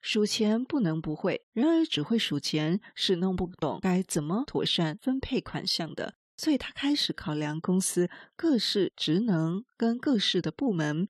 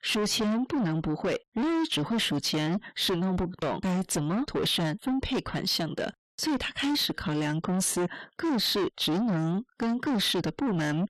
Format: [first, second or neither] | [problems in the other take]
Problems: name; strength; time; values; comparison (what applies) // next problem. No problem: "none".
first | distortion; heavy; 6 dB below the speech